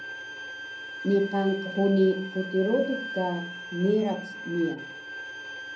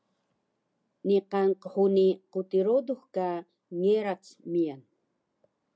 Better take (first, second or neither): second